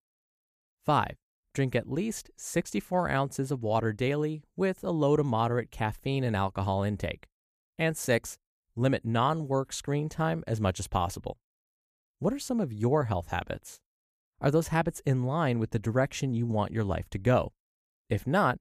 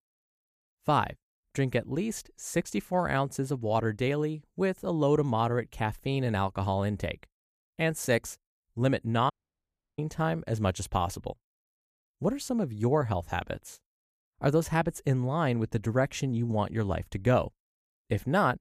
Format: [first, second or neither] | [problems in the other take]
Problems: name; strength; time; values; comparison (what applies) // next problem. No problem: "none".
first | audio cutting out; at 9.5 s for 0.5 s